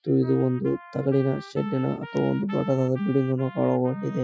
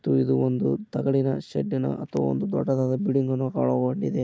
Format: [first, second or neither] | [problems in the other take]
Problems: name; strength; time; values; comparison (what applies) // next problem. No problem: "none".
second | noise reduction (classical method Wiener filter)